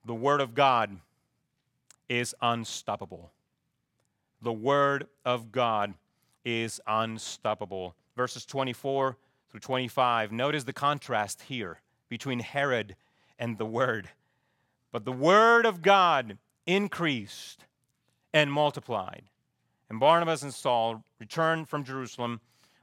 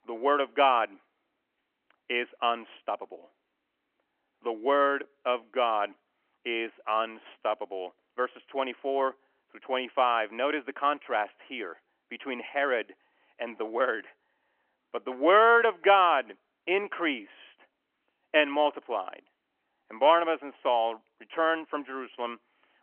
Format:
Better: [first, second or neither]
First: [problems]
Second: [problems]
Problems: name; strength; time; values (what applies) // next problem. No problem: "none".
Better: first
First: none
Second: phone-call audio; nothing above 3 kHz